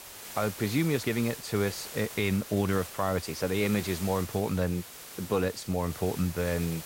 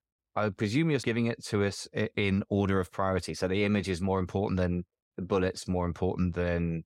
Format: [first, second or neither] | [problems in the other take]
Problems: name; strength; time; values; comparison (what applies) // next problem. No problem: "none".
second | hiss; noticeable; throughout; 10 dB below the speech